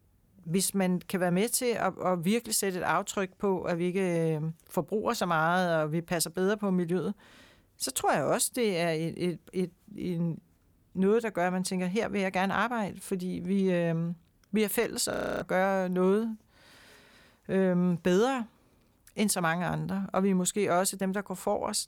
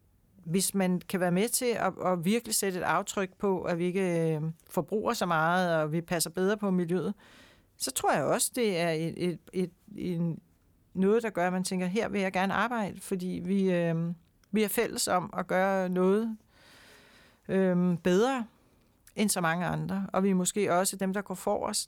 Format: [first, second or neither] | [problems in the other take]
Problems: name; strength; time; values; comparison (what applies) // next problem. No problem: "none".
second | audio freezing; at 15 s